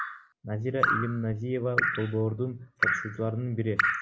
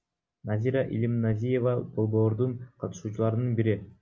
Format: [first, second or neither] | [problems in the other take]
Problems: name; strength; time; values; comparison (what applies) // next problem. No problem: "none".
second | background sound (Drip); as loud as the speech